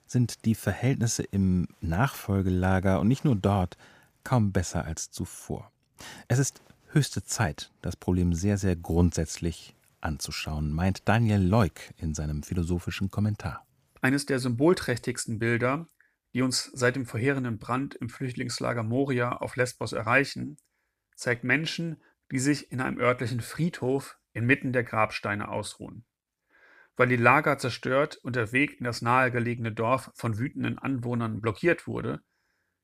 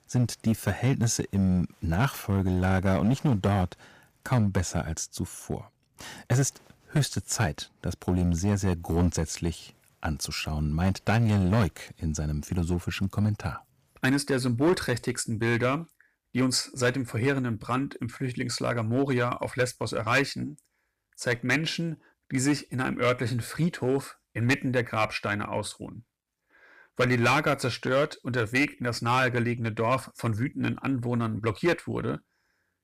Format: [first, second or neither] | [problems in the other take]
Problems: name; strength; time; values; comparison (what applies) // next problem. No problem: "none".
first | distortion; slight; 4% of the sound clipped